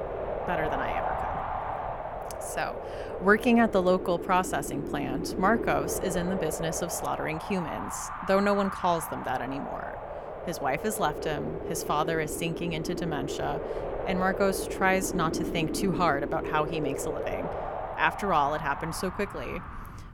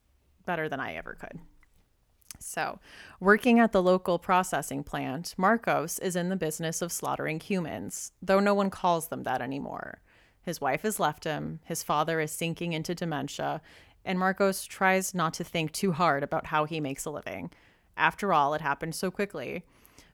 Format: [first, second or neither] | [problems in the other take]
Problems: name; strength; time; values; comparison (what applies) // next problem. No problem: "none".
second | wind noise on the microphone; heavy; 6 dB below the speech